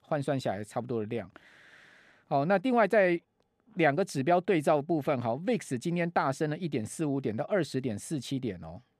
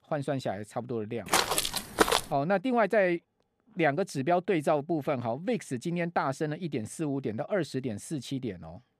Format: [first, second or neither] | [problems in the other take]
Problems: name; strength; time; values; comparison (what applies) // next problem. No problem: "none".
first | footsteps; loud; at 1.5 s; peak 5 dB above the speech